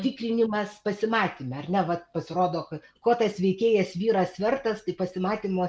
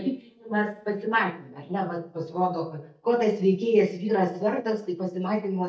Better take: first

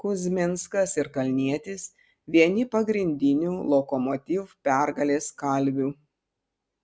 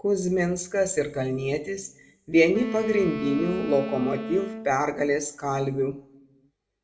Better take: first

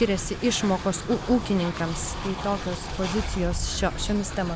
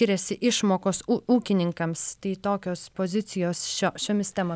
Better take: second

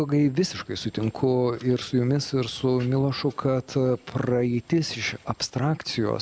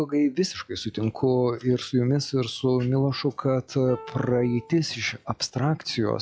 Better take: first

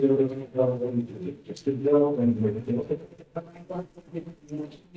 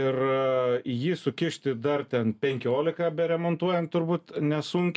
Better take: second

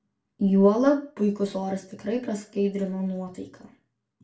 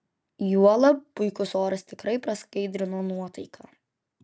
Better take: second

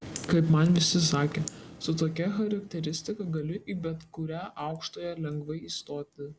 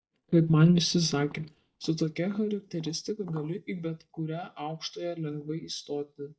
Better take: first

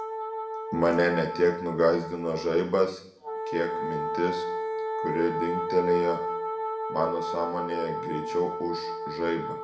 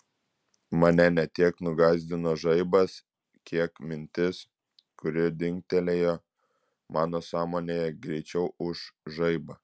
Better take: second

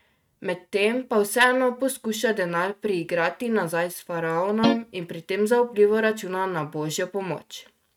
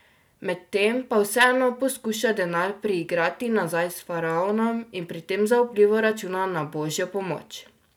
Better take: second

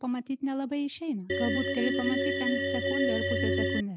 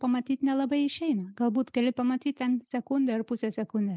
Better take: second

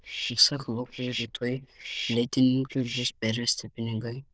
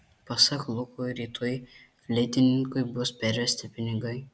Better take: second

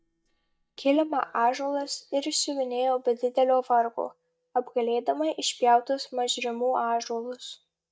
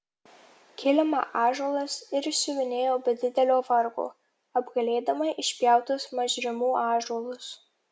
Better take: second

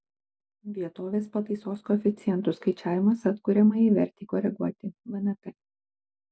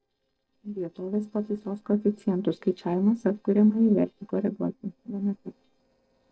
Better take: first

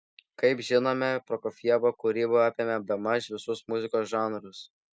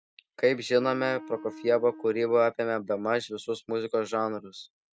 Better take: first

